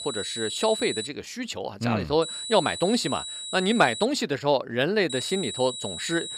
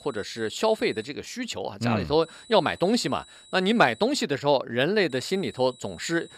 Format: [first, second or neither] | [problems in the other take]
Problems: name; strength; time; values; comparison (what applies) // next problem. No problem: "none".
second | high-pitched whine; loud; until 1 s, from 2 to 4 s and from 5 s on; 4 kHz, 7 dB below the speech; faint in the second